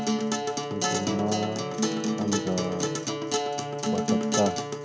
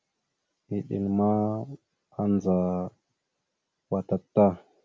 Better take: second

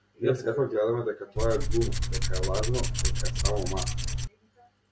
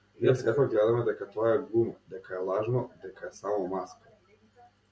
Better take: second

